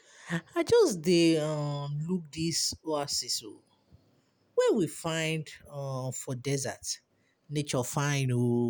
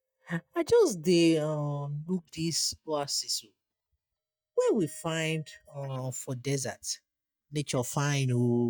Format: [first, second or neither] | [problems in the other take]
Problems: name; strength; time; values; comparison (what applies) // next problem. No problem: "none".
first | noise reduction (neural mask model DeepFilterNet 3)